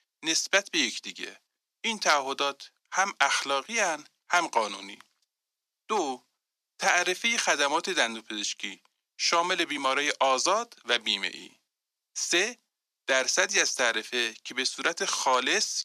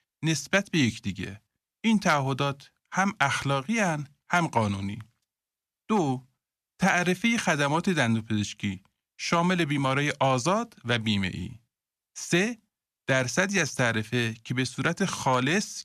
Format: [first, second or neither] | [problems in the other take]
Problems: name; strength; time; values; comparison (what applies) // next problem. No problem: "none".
second | thin; very; fading below 350 Hz